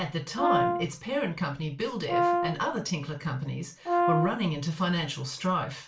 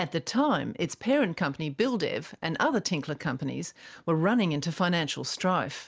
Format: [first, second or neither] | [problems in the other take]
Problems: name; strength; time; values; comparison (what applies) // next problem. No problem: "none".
second | background sound (Brass instrument); 2 dB above the speech // room echo; dies away in 0.2 s